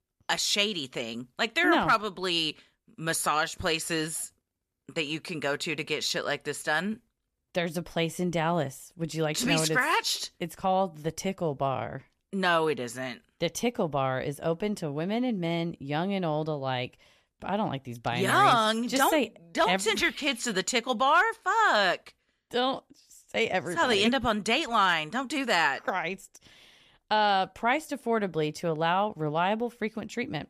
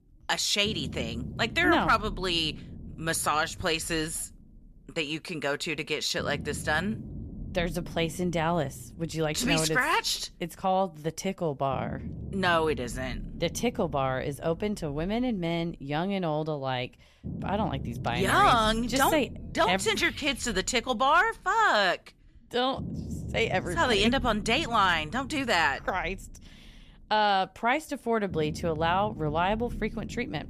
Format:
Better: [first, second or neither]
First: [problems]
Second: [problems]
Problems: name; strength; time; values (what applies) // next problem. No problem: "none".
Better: first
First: none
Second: low rumble; faint; throughout; 25 dB below the speech